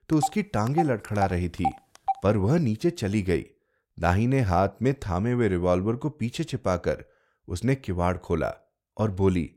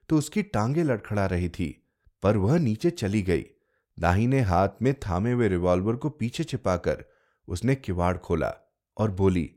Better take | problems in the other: second | phone ringing; noticeable; until 2 s; peak 5 dB below the speech

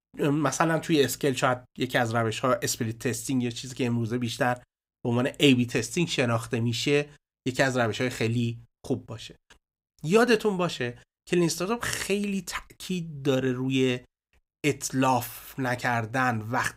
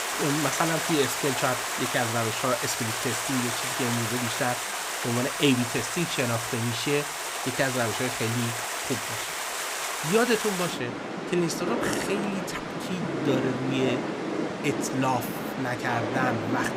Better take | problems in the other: first | rain or running water; loud; throughout; 1 dB below the speech

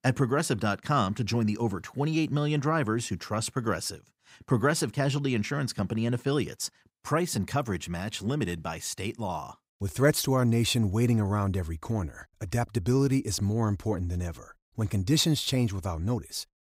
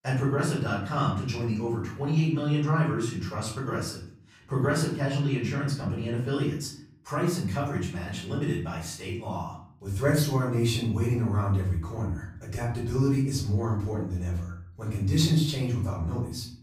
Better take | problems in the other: first | off-mic speech; far // room echo; noticeable; dies away in 0.6 s

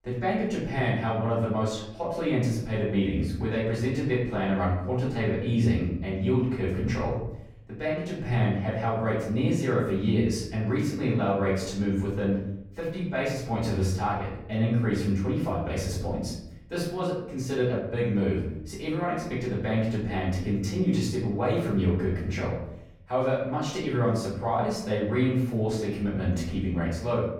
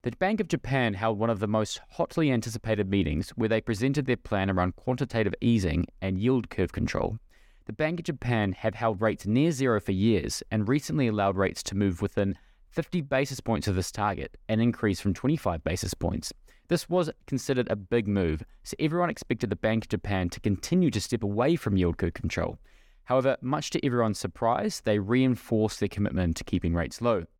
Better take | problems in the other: second | off-mic speech; far // room echo; noticeable; dies away in 0.7 s

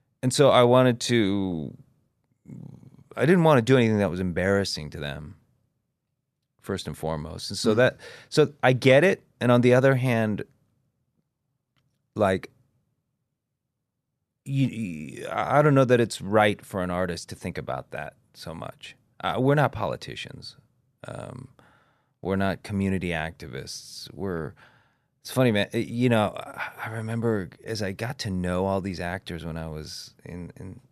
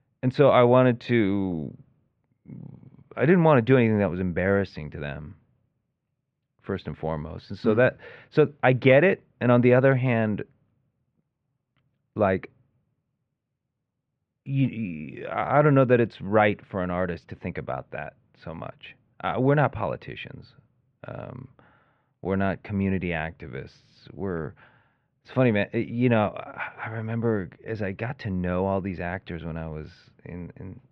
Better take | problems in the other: first | muffled; very; fading above 2.5 kHz

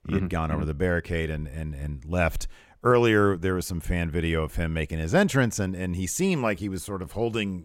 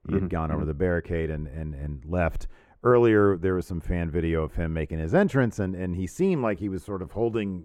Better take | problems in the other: first | muffled; slightly; fading above 2.5 kHz

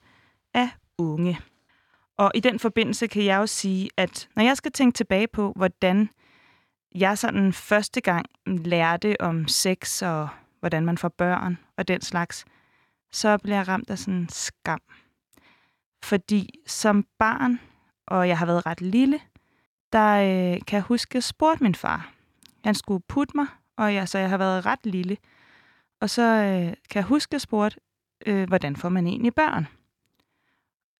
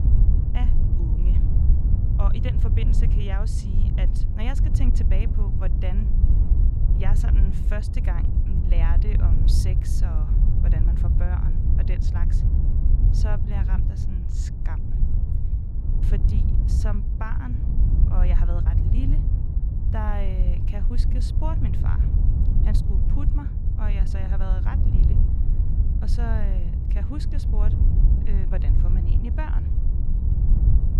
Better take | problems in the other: first | wind noise on the microphone; heavy; 1 dB below the speech

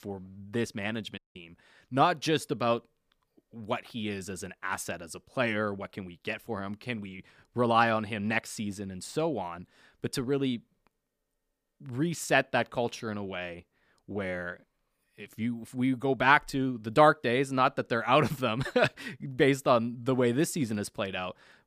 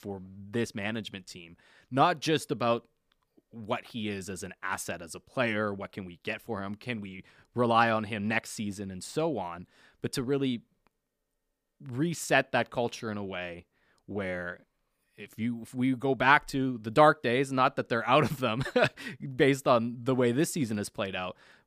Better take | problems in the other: second | audio cutting out; at 1 s

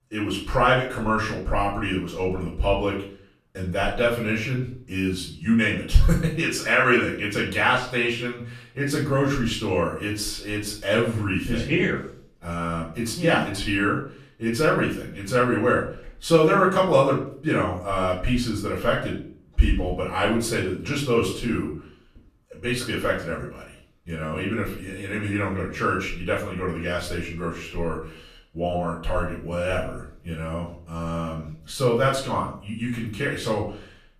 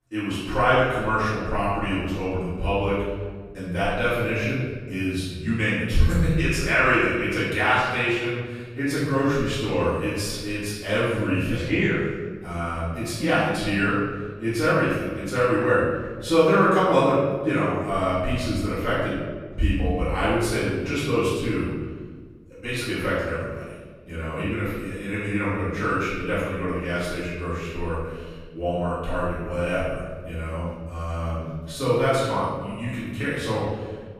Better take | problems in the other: first | room echo; strong; dies away in 1.5 s; slight in the first // off-mic speech; far; far in the first

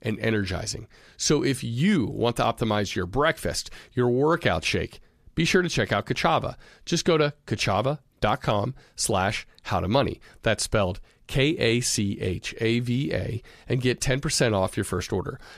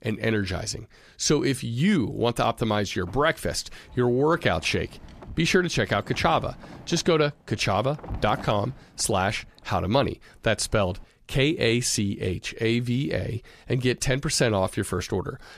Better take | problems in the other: first | wind noise on the microphone; occasional gusts; from 3 to 11 s; 20 dB below the speech

